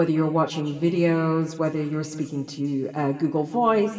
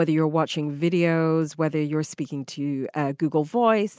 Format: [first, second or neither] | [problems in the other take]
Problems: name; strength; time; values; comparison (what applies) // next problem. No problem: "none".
second | room echo; dies away in 2.4 s